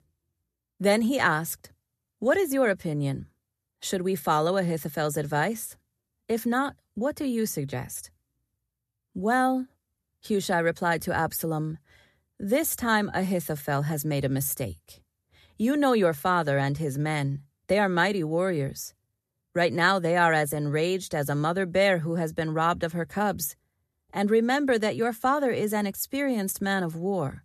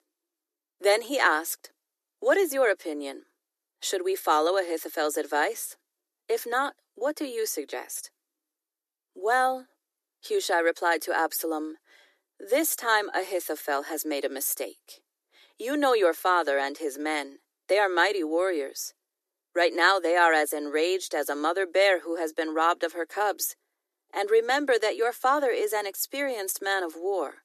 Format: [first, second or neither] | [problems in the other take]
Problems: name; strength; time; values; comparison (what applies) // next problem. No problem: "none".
first | thin; somewhat; fading below 300 Hz